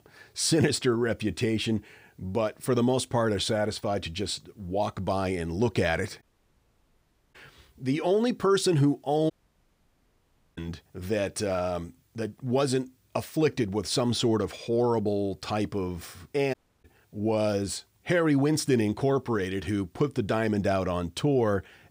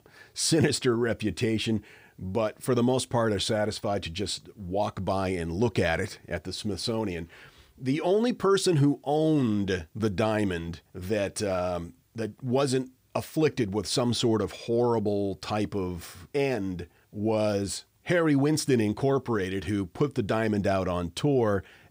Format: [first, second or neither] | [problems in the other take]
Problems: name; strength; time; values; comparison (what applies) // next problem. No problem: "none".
second | audio cutting out; at 6 s for 1 s, at 9.5 s for 1.5 s and at 17 s